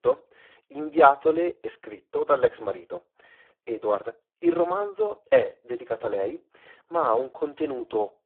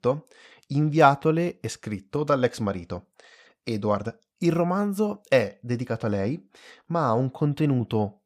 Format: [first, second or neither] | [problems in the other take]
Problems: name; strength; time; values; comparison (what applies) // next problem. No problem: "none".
second | phone-call audio; poor line; nothing above 3.5 kHz